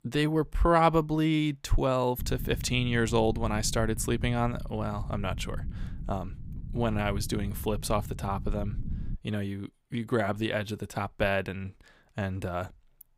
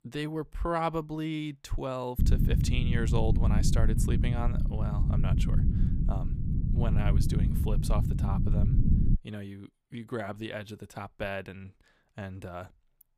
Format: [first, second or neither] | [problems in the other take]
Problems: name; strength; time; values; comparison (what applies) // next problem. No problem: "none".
first | low rumble; loud; from 2 to 9 s; 4 dB below the speech; faint in the first